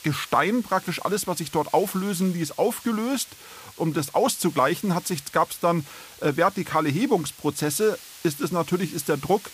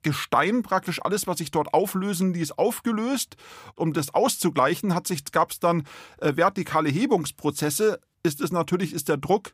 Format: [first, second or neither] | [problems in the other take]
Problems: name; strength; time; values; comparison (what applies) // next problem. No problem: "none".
second | hiss; noticeable; throughout; 20 dB below the speech